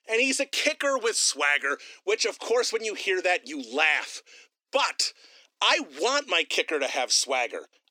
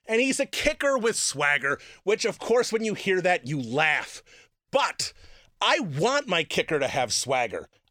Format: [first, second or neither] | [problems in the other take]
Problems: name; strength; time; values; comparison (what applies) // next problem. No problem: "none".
second | thin; very slightly; fading below 250 Hz